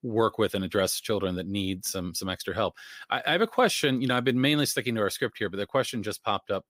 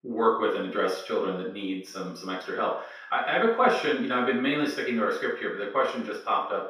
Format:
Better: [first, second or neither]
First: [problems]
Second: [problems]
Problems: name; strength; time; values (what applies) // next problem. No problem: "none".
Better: first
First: none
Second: room echo; noticeable; dies away in 0.6 s // off-mic speech; far